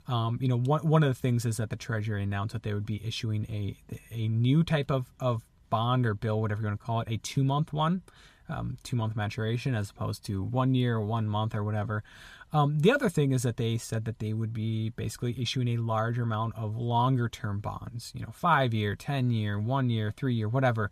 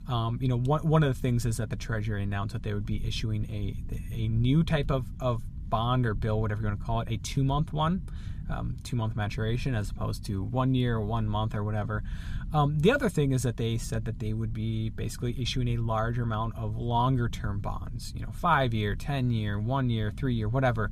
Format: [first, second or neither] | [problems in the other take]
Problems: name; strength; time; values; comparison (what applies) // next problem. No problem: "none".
first | low rumble; faint; throughout; 20 dB below the speech